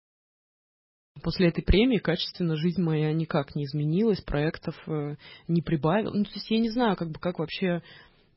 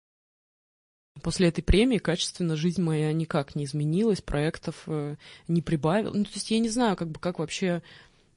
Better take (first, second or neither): second